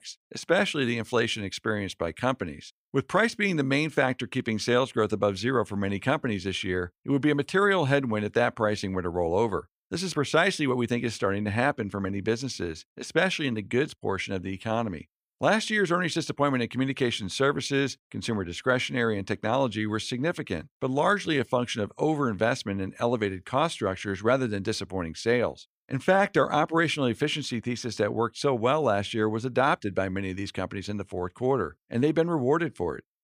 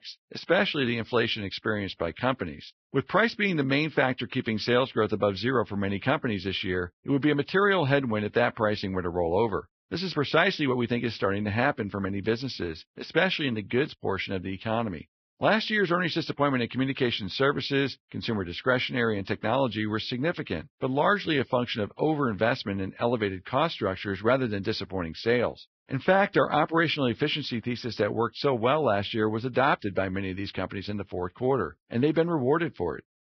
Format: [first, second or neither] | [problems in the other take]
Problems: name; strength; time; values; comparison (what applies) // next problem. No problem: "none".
first | garbled, watery; badly; nothing above 5.5 kHz